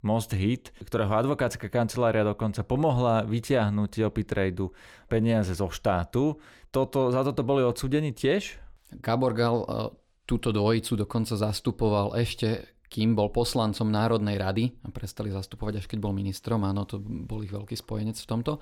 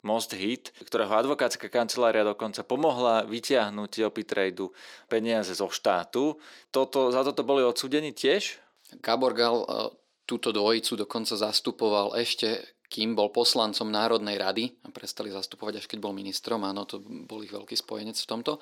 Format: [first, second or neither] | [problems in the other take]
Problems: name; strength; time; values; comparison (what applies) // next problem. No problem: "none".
first | thin; somewhat; fading below 300 Hz